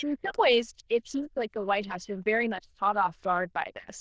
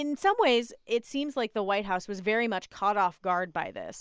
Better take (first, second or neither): second